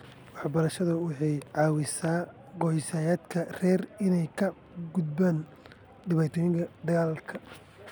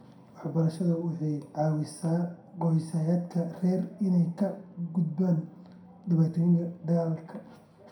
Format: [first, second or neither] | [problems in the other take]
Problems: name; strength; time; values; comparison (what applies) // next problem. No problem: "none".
first | room echo; dies away in 0.4 s